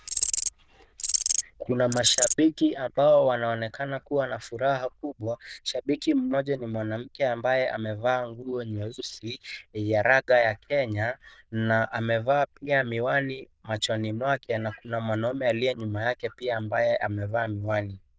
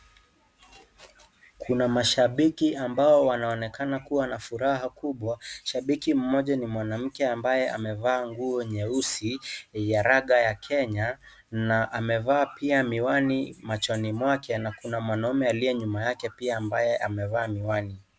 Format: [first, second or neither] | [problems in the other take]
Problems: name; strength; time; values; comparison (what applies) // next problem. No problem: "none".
second | noise reduction (neural diffusion model UNIVERSE++)